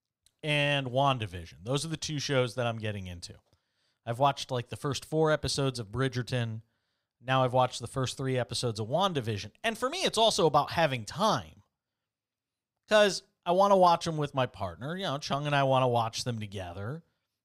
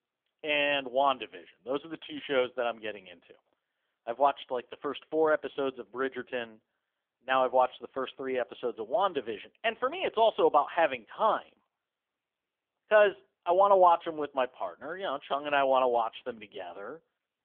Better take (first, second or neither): first